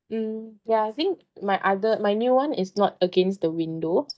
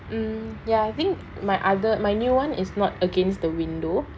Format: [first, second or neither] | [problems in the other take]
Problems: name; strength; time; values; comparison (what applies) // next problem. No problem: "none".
second | noise reduction (neural mask model DeepFilterNet 3)